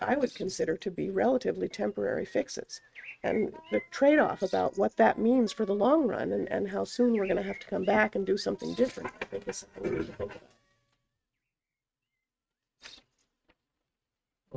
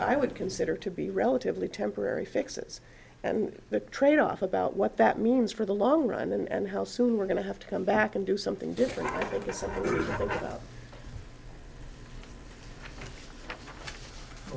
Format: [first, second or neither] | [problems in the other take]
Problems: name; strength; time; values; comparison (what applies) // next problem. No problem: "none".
second | noise reduction (neural mask model RNNoise)